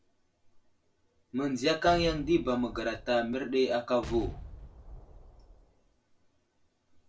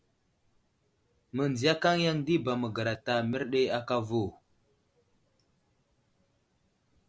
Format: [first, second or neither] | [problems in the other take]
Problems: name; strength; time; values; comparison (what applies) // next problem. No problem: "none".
second | background sound (Explosion); 12 dB below the speech // room echo; dies away in 0.2 s